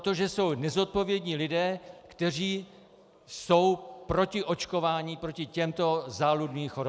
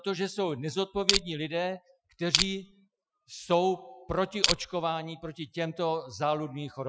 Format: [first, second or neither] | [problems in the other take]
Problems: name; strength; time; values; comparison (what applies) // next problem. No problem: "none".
first | noise reduction (classical method Wiener filter)